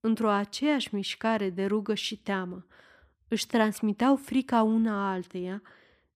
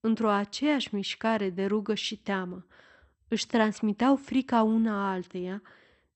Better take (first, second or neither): first